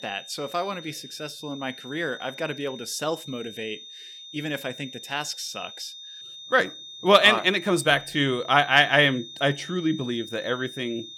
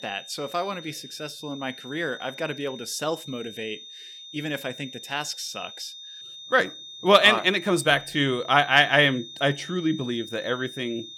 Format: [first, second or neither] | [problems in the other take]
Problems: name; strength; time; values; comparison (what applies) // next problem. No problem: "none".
neither | high-pitched whine; noticeable; throughout; 3.5 kHz, 15 dB below the speech; the same in both